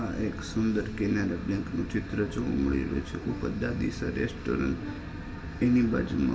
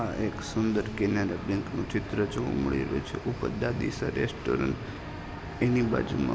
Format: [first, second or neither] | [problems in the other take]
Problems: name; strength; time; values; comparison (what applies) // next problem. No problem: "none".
second | background sound (Brass instrument); 16 dB below the speech // room echo; dies away in 0.2 s